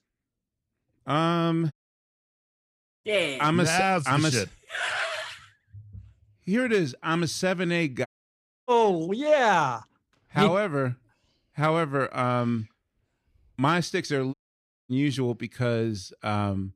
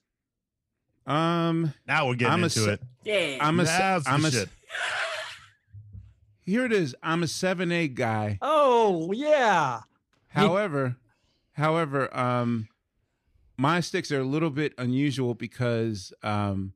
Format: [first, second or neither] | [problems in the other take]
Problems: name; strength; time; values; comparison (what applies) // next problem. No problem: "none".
second | audio cutting out; at 1.5 s for 1.5 s, at 8 s for 0.5 s and at 14 s for 0.5 s